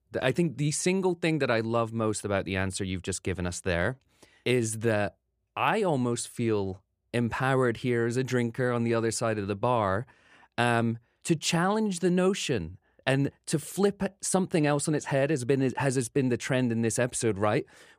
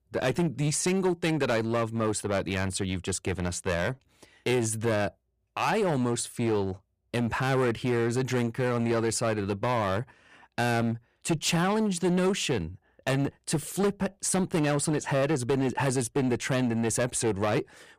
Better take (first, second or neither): first